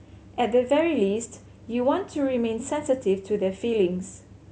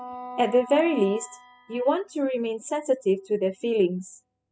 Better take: first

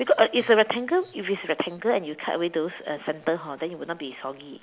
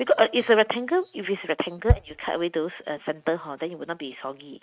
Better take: first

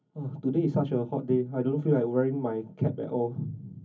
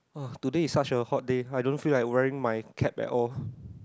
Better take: second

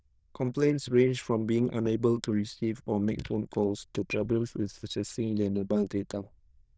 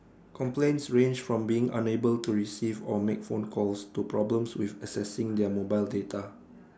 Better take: second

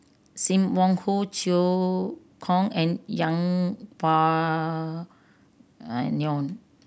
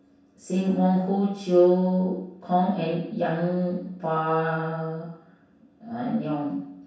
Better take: first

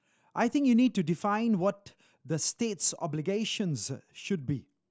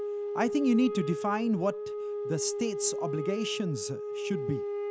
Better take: first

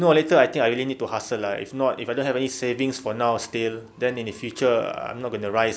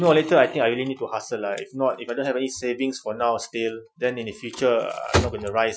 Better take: first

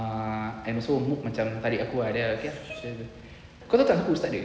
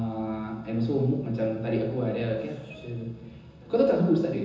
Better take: first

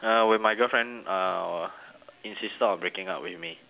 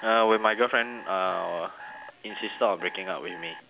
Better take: first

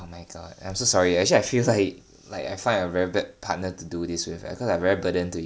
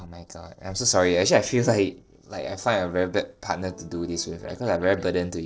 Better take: first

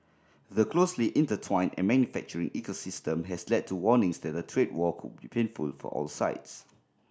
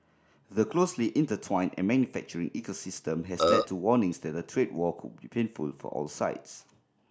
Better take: first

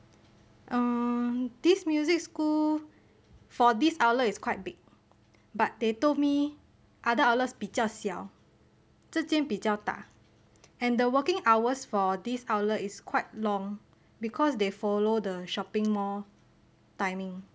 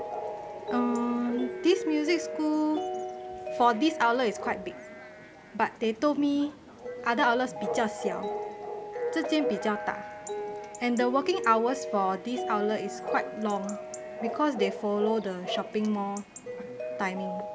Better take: first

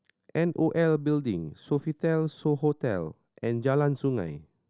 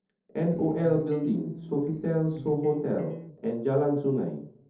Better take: first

